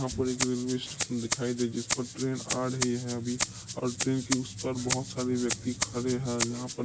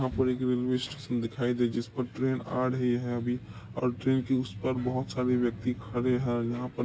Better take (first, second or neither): second